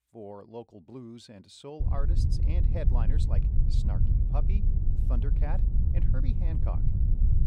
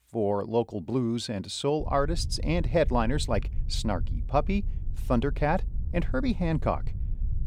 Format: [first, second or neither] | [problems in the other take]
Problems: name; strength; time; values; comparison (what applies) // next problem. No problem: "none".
second | low rumble; loud; from 2 s on; 1 dB below the speech; faint in the second